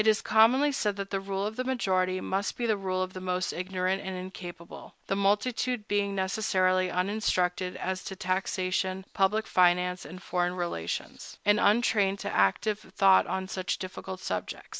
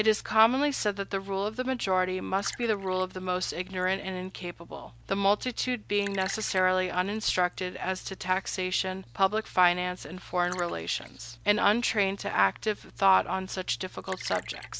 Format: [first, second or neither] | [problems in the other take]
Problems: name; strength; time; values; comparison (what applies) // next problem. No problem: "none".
first | background sound (Liquid); 19 dB below the speech